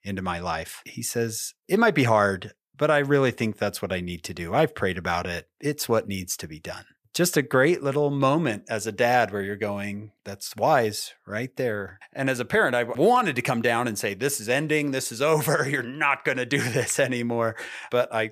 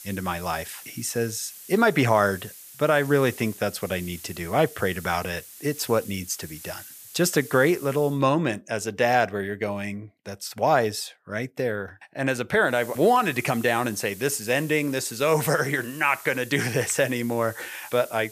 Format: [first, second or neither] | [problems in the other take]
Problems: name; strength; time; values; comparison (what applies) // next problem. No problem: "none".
first | hiss; noticeable; until 8 s and from 13 s on; 15 dB below the speech